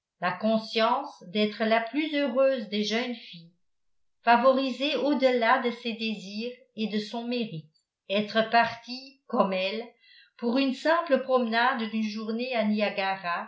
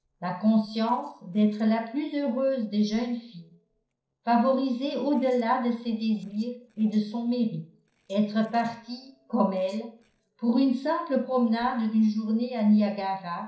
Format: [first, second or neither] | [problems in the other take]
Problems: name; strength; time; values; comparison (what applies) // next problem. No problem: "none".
first | noise reduction (neural separator model SepFormer DNS4)